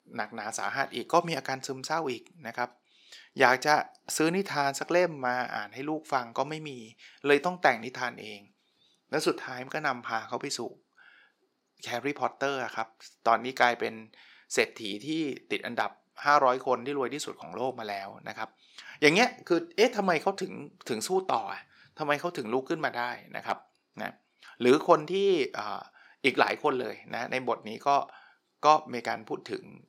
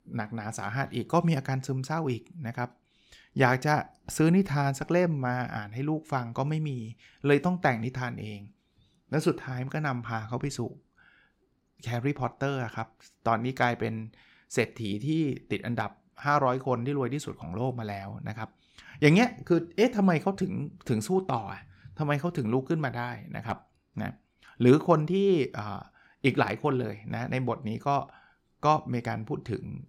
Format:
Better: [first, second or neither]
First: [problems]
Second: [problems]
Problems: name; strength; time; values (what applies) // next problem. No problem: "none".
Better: second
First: thin; somewhat; fading below 400 Hz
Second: none